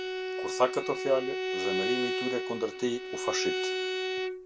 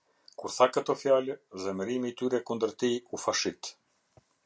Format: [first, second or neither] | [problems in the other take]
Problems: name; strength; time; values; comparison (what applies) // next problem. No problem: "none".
second | background sound (Bowed string instrument); as loud as the speech